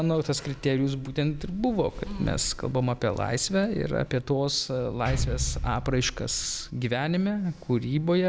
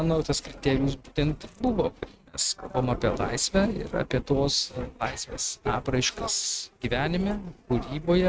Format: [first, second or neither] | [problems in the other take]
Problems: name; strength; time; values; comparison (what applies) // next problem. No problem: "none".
first | noise reduction (neural mask model RNNoise)